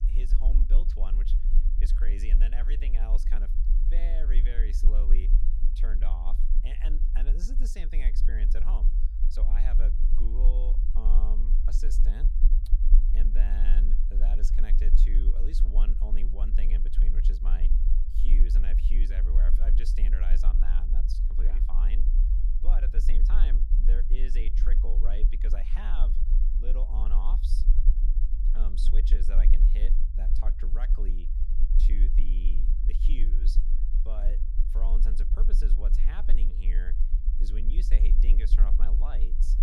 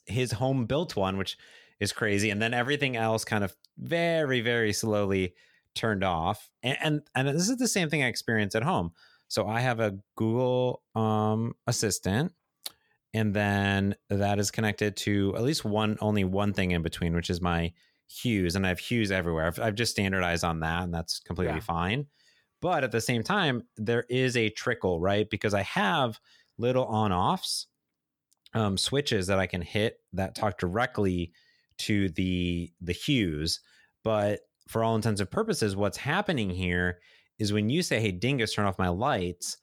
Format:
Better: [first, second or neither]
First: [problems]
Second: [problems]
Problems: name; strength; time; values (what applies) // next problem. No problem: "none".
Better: second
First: low rumble; loud; throughout; 5 dB below the speech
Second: none